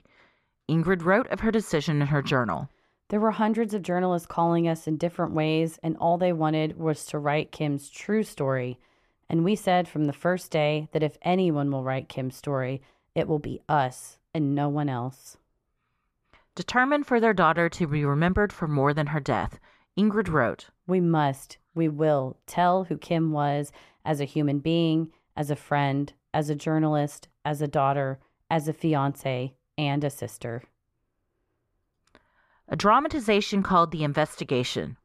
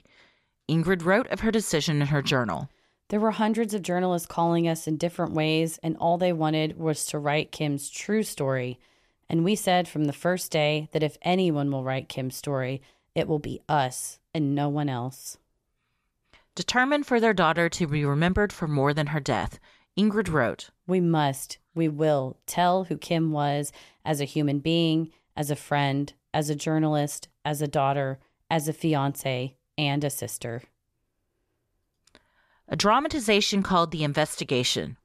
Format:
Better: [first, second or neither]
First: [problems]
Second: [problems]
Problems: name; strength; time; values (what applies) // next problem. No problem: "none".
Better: second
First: muffled; slightly; fading above 3 kHz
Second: none